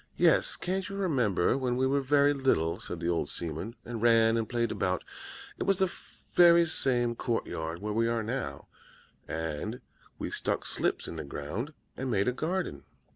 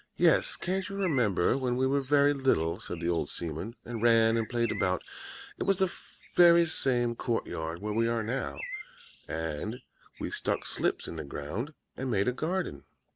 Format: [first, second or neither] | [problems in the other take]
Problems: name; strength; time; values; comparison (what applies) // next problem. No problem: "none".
first | noise reduction (neural mask model RNNoise)